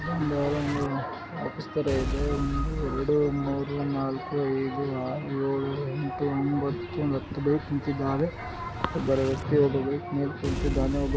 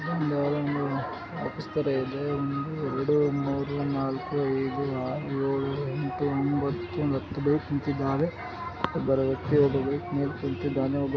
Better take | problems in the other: second | background sound (Explosion); 9 dB below the speech

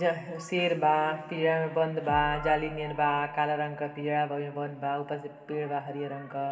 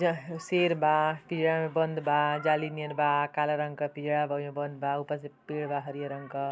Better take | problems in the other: second | background sound (Bass drum); 17 dB below the speech // room echo; dies away in 2.3 s

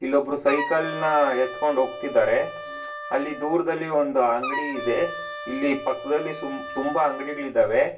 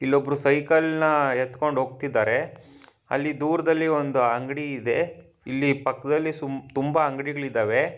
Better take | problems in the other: second | background sound (Wind instrument, woodwind instrument); 10 dB below the speech // room echo; dies away in 0.1 s

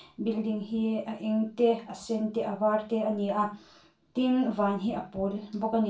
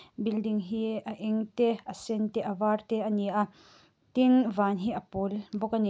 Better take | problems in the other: second | room echo; dies away in 0.3 s

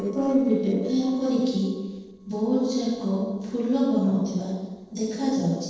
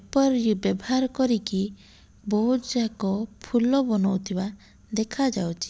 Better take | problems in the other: second | noise reduction (neural separator model SepFormer DNS4)

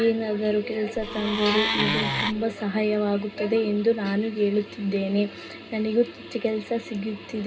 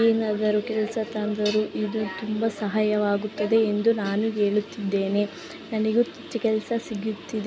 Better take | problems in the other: second | background sound (Wood); 2 dB below the speech // room echo; dies away in 0.2 s

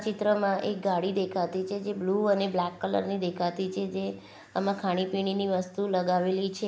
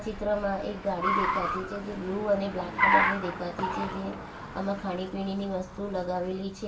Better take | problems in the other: first | background sound (Car); as loud as the speech // room echo; dies away in 0.1 s

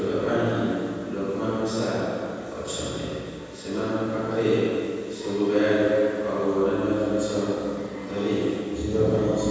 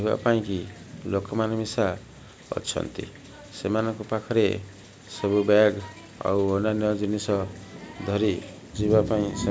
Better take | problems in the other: second | room echo; dies away in 2.1 s

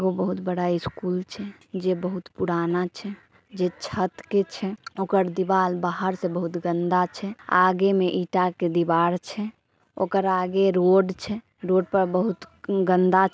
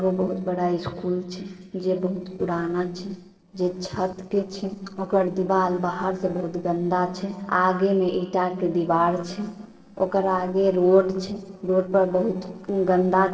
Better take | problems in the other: first | noise reduction (neural separator model SepFormer DNS4)

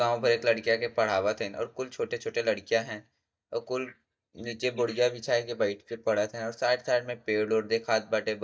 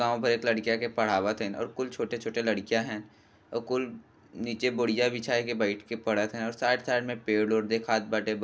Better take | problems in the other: second | noise reduction (neural mask model DeepFilterNet 3)

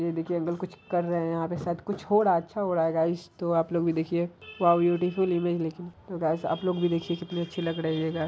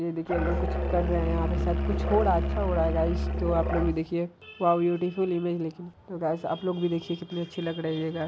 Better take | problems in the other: first | background sound (Musical instrument); 1 dB above the speech

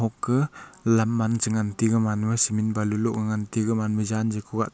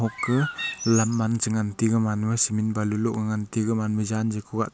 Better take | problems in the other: first | background sound (Bird); 9 dB below the speech

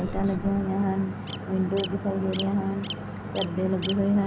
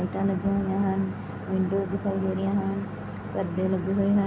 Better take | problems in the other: second | background sound (Bird vocalization, bird call, bird song); 14 dB below the speech

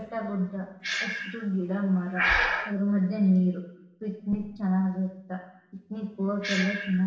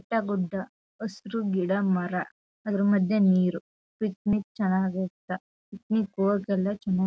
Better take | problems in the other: second | background sound (Breathing); 6 dB below the speech // room echo; dies away in 0.9 s

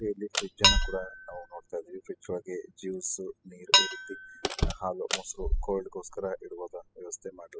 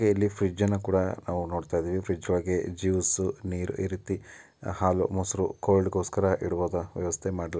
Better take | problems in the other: second | noise reduction (classical method spectral subtraction)

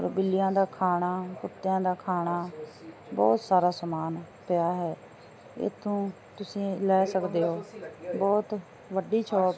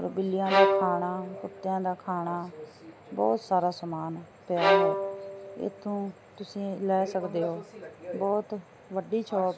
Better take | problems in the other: first | background sound (Bowed string instrument); 1 dB above the speech

